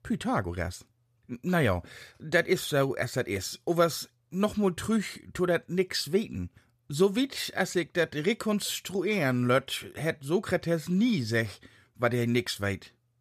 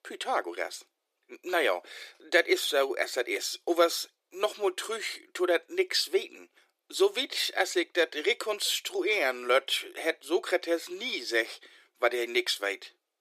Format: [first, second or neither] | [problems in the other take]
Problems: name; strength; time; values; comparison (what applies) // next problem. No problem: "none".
first | thin; very; fading below 350 Hz